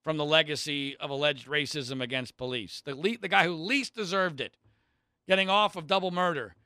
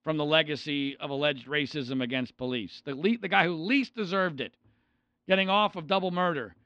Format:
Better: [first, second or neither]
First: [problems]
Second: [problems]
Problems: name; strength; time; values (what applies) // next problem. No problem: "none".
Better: first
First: none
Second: muffled; very slightly; fading above 4 kHz